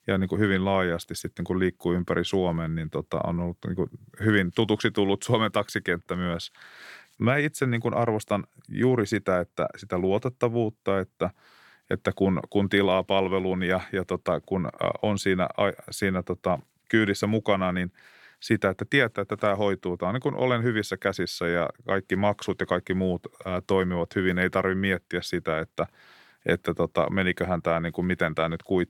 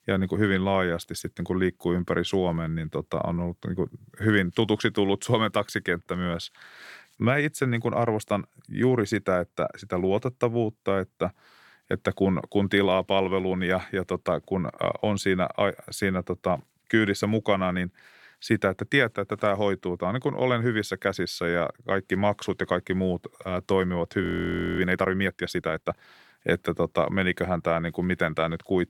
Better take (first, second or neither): first